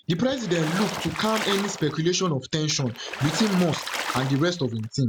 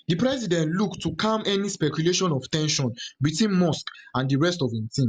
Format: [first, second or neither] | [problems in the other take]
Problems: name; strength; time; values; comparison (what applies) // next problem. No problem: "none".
second | background sound (Water / Splash, splatter); 9 dB below the speech